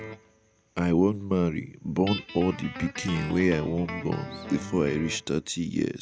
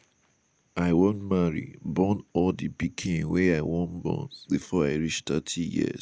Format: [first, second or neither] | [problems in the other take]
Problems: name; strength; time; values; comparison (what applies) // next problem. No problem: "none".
second | background sound (Guitar); 14 dB below the speech